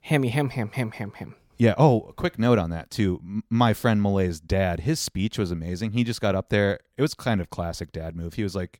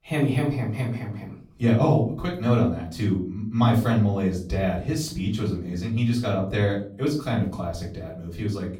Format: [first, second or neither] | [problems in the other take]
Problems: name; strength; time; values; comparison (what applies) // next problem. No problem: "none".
first | off-mic speech; far // room echo; slight; dies away in 0.4 s